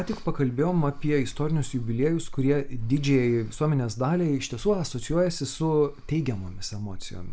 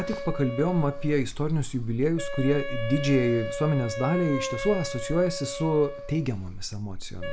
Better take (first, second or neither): first